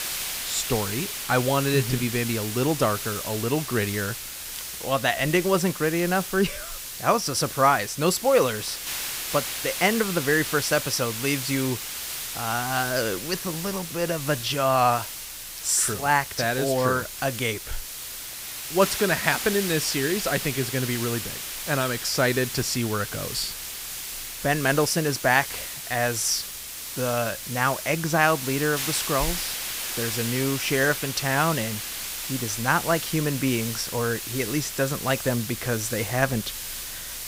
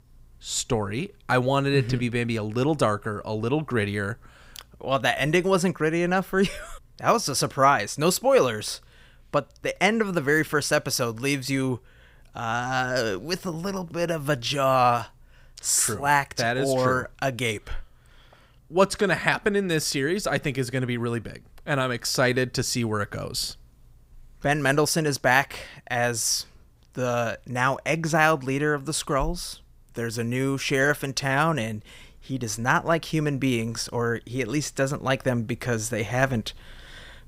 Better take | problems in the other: second | hiss; loud; throughout; 6 dB below the speech

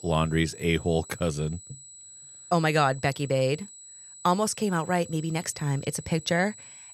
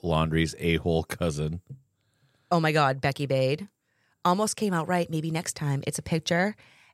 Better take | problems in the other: second | high-pitched whine; noticeable; throughout; 8 kHz, 15 dB below the speech

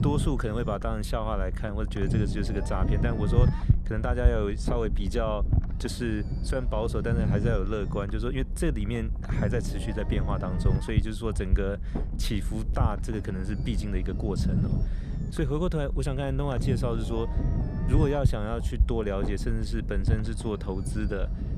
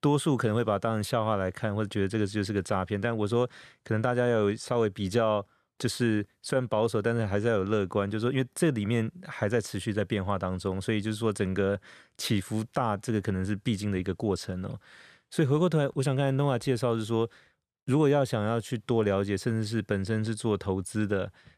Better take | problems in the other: second | low rumble; loud; throughout; 8 dB below the speech

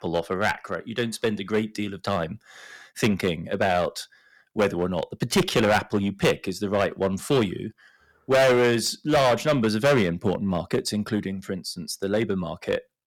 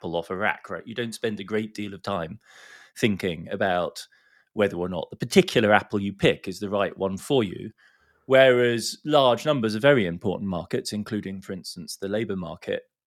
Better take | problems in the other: second | distortion; heavy; 7% of the sound clipped

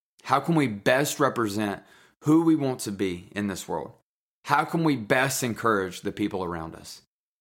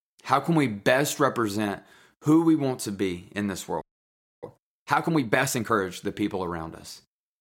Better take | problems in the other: first | audio freezing; at 4 s for 0.5 s

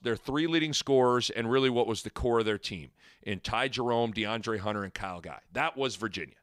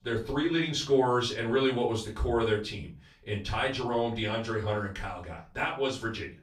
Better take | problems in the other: first | off-mic speech; far // room echo; slight; dies away in 0.3 s

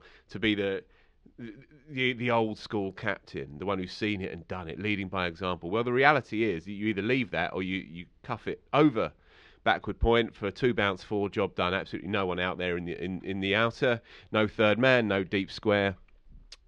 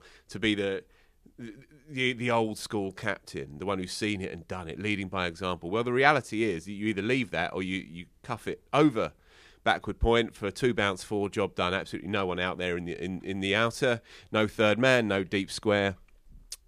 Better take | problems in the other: second | muffled; very slightly; fading above 4 kHz

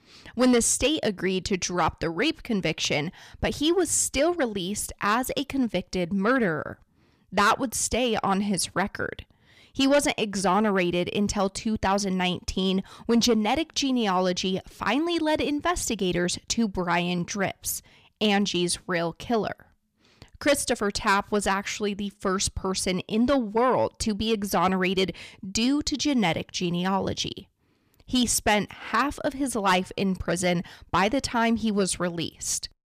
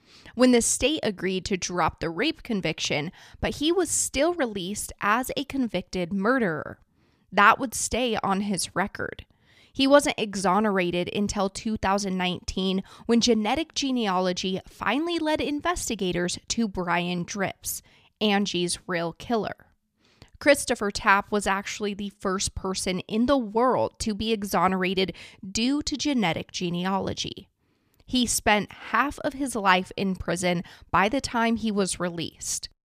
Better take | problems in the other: second | distortion; slight; 10 dB below the speech

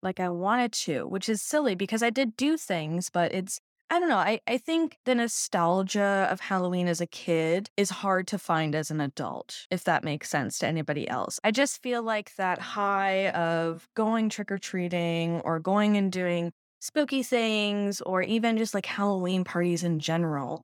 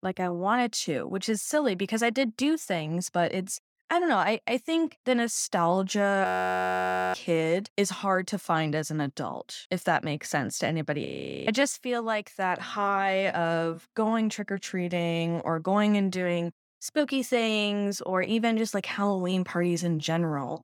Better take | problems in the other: first | audio freezing; at 6.5 s for 1 s and at 11 s

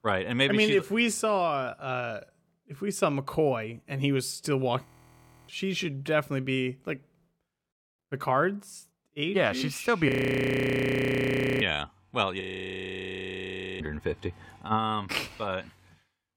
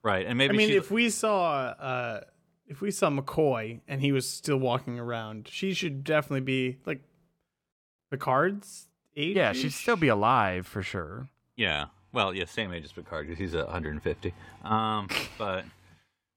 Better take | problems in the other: second | audio freezing; at 5 s for 0.5 s, at 10 s for 1.5 s and at 12 s for 1.5 s

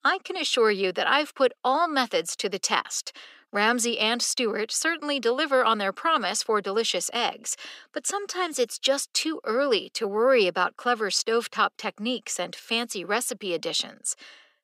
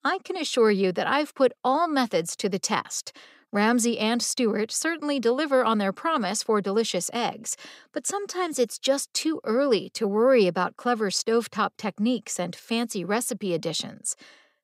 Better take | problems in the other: second | thin; very slightly; fading below 300 Hz

